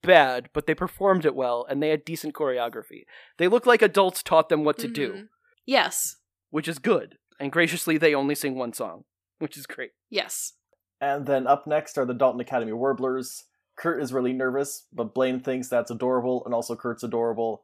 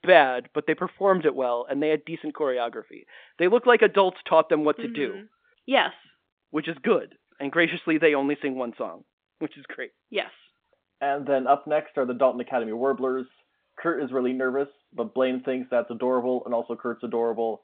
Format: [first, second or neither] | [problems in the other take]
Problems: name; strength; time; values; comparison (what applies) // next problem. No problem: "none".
first | phone-call audio; nothing above 3.5 kHz